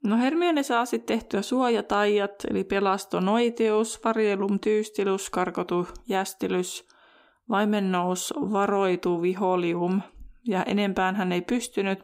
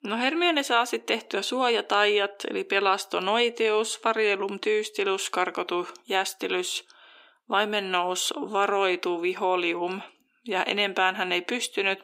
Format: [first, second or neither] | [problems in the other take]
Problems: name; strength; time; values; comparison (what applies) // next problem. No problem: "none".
first | thin; somewhat; fading below 300 Hz